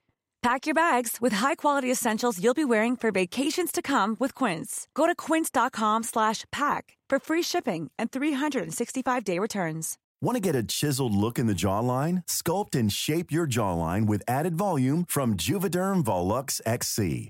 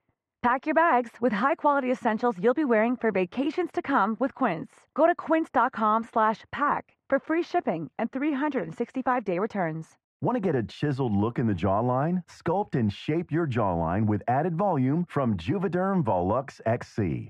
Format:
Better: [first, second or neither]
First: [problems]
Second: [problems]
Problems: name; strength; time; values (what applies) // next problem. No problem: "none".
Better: first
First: none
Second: muffled; very; fading above 1.5 kHz